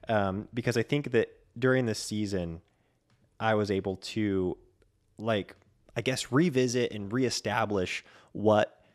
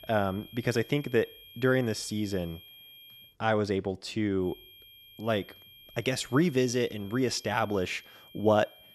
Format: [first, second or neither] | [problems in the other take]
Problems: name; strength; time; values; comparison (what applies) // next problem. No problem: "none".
first | high-pitched whine; faint; until 3.5 s and from 4.5 s on; 3 kHz, 20 dB below the speech